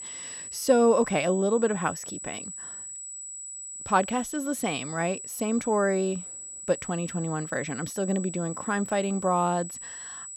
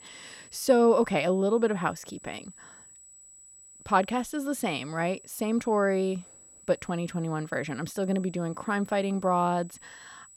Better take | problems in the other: second | high-pitched whine; loud; throughout; 8 kHz, 10 dB below the speech; faint in the second

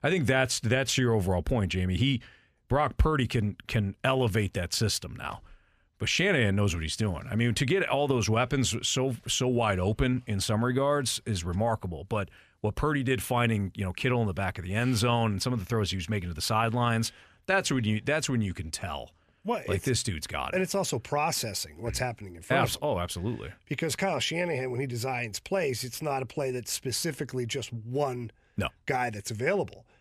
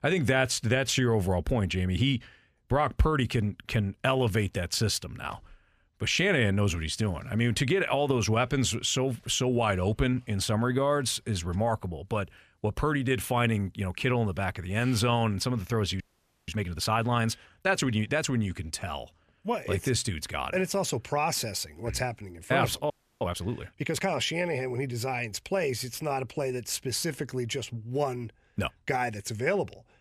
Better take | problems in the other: first | audio freezing; at 16 s and at 23 s

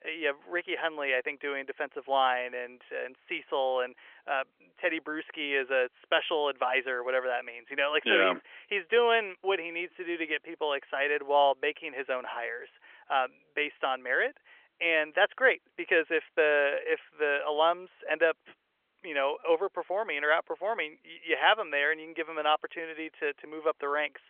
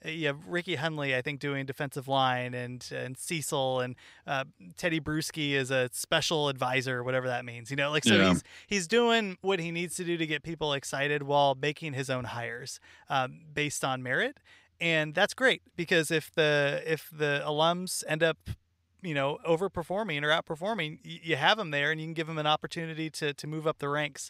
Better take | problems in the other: second | phone-call audio; nothing above 3.5 kHz

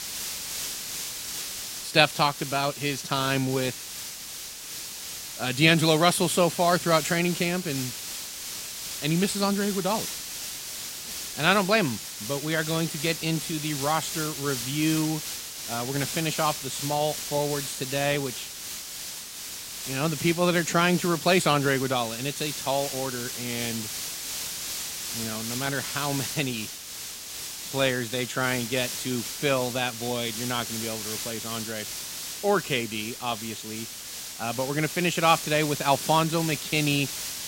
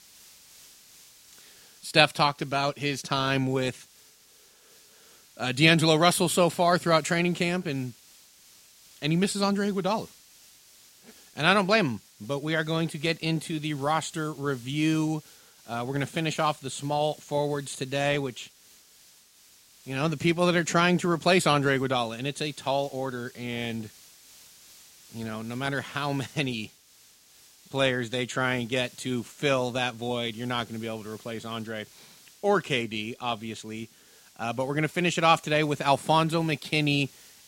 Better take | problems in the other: second | hiss; loud; throughout; 6 dB below the speech; faint in the second

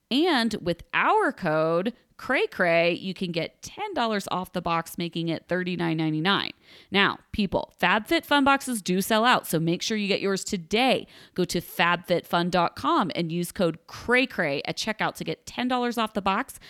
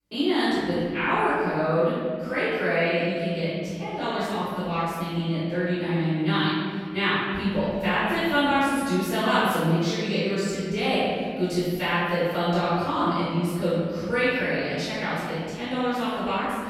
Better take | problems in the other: first | room echo; strong; dies away in 2.1 s // off-mic speech; far

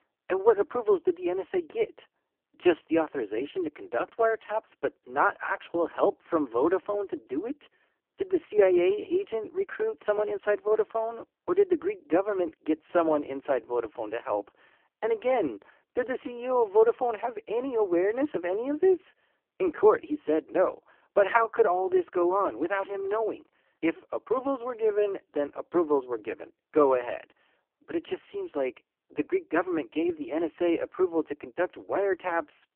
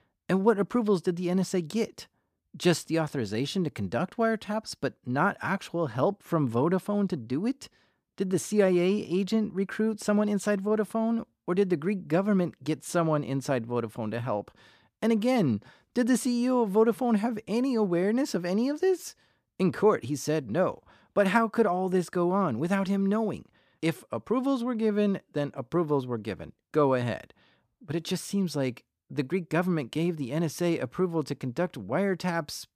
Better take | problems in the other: second | phone-call audio; poor line

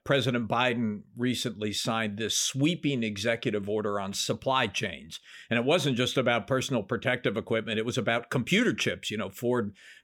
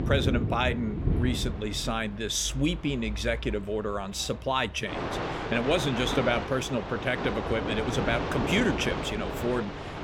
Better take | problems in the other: first | rain or running water; loud; throughout; 4 dB below the speech

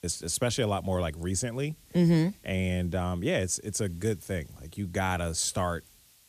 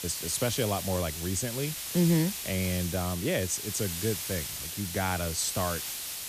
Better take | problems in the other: first | hiss; loud; throughout; 4 dB below the speech; faint in the first

